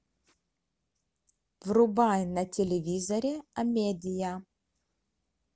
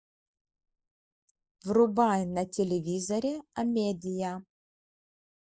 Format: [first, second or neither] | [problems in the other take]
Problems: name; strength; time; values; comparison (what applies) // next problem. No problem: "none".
first | noise reduction (neural mask model Resemble Enhance denoiser)